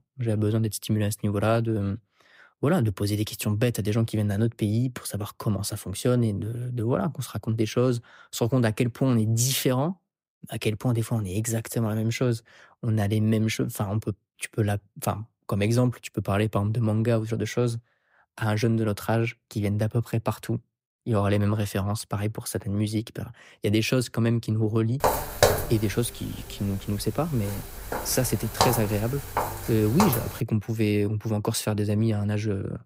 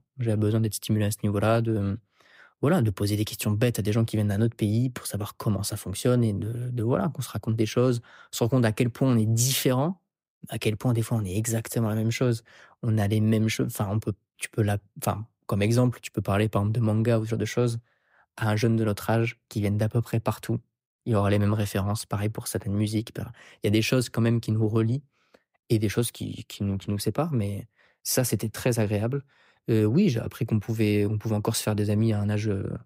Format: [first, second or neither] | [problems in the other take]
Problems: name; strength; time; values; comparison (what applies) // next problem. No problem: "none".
second | footsteps; loud; from 25 to 30 s; peak 4 dB above the speech